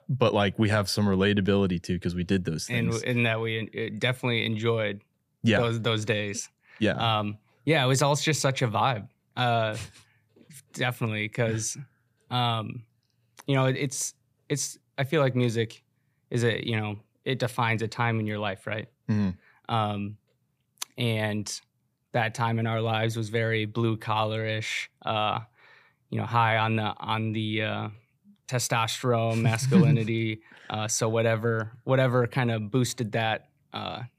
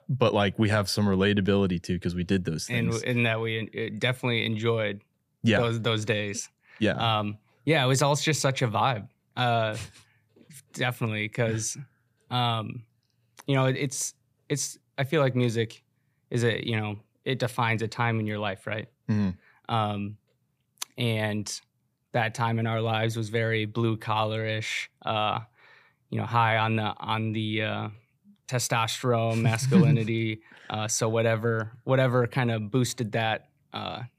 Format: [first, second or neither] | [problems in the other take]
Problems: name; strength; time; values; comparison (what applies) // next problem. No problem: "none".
neither | none